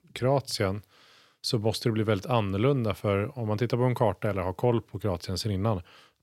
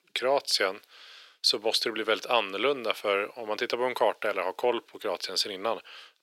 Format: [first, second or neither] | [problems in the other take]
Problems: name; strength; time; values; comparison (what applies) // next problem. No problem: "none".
first | thin; very; fading below 400 Hz